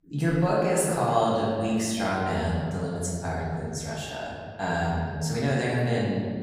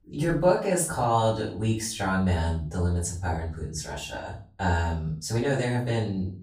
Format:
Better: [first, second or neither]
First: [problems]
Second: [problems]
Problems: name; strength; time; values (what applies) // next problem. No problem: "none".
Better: second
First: room echo; strong; dies away in 1.9 s // off-mic speech; far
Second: room echo; slight; dies away in 0.4 s // off-mic speech; far